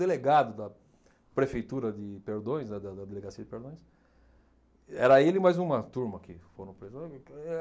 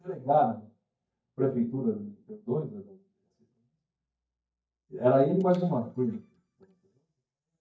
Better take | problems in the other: first | noise reduction (neural mask model DeepFilterNet 3)

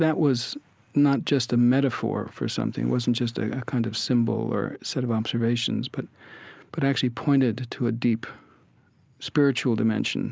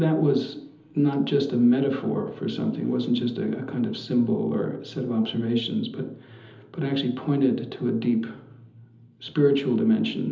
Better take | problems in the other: first | room echo; dies away in 1.2 s

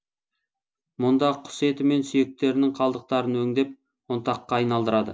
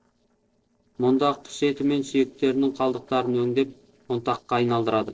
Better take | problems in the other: first | noise reduction (neural separator model SepFormer DNS4)

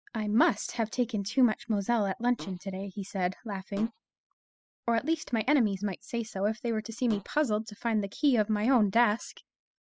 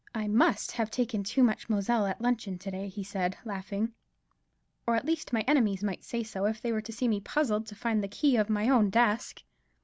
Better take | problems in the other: second | noise reduction (classical method spectral subtraction)

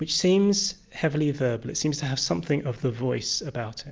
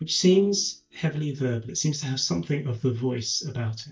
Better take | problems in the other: first | noise reduction (neural mask model DeepFilterNet 3)

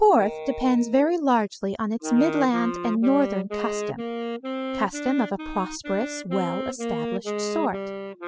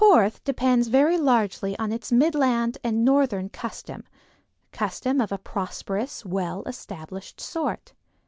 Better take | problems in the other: second | noise reduction (classical method spectral subtraction)

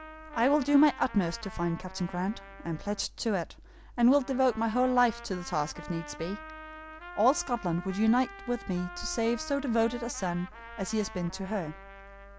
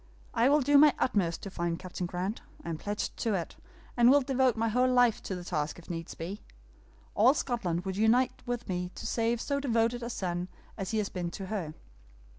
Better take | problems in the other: second | background sound (Trumpet); 16 dB below the speech

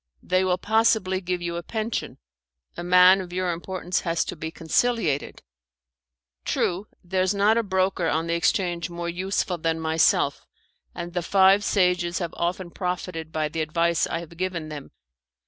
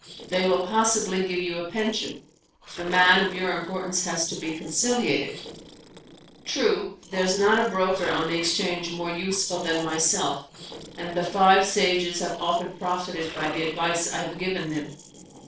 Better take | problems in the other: first | noise reduction (neural separator model SepFormer DNS4)

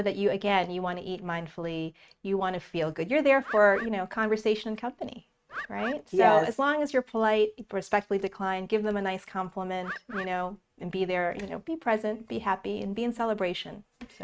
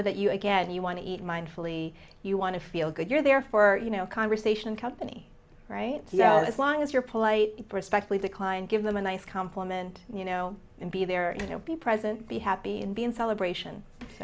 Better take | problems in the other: second | noise reduction (neural mask model RNNoise)

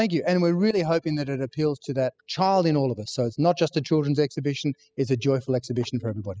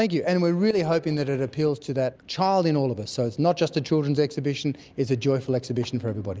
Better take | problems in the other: second | noise reduction (classical method spectral subtraction)

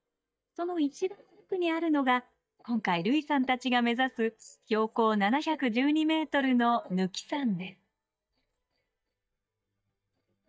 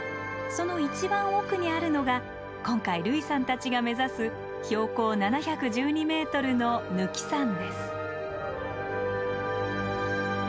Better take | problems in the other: second | noise reduction (neural mask model DeepFilterNet 3)

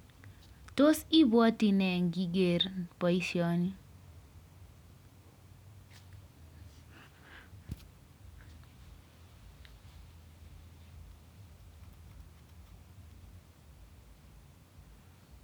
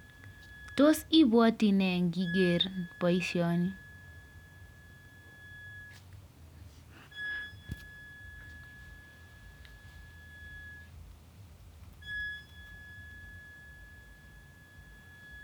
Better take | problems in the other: first | background sound (Wind instrument, woodwind instrument); 15 dB below the speech

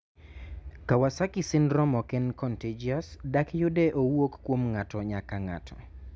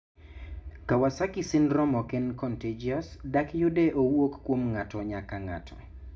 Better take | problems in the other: first | room echo; dies away in 0.4 s

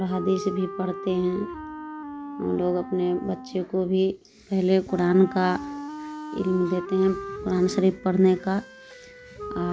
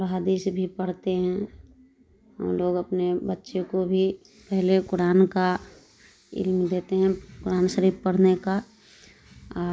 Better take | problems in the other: second | background sound (Wind instrument, woodwind instrument); 12 dB below the speech

